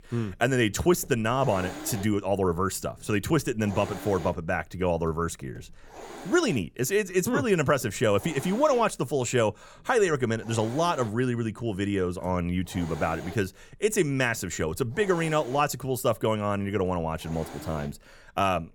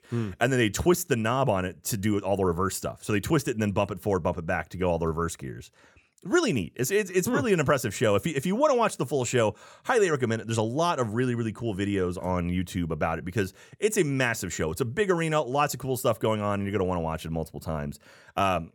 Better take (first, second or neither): second